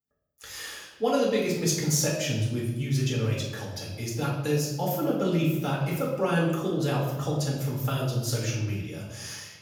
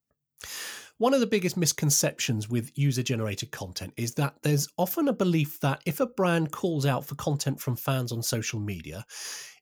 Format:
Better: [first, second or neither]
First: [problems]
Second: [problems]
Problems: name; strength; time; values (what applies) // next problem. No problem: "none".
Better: second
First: off-mic speech; far // room echo; noticeable; dies away in 0.9 s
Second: none